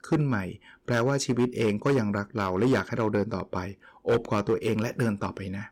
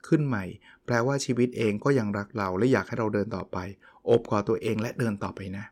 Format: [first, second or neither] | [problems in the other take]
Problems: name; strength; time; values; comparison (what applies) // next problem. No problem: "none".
second | distortion; slight; 5% of the sound clipped